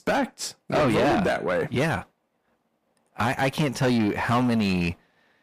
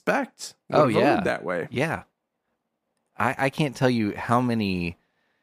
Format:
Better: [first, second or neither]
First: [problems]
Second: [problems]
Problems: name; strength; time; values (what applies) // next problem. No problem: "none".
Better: second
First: distortion; heavy; 7 dB below the speech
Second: none